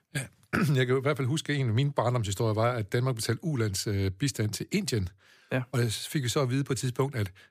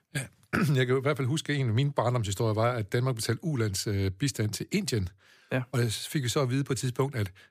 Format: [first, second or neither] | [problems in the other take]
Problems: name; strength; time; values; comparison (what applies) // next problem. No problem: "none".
neither | none